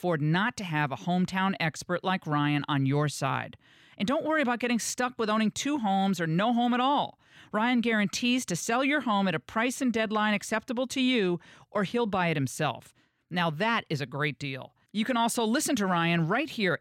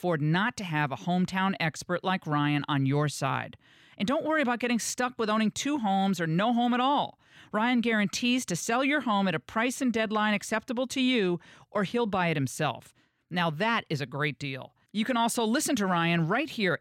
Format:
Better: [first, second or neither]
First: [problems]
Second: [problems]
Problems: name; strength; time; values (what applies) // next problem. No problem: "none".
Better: neither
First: none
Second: none